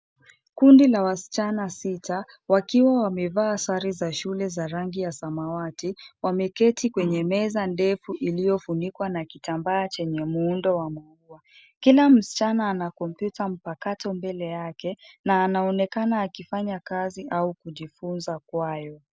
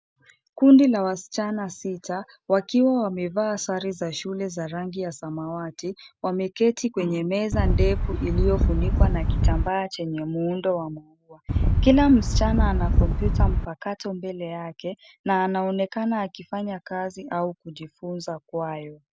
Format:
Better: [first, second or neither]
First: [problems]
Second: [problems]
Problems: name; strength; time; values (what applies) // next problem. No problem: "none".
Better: first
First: none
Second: background sound (Wind); 5 dB above the speech